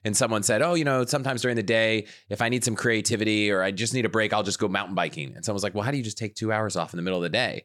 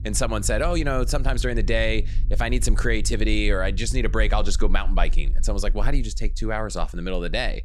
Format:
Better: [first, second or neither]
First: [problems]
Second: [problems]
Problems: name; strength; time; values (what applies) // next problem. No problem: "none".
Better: first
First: none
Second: low rumble; faint; throughout; 25 dB below the speech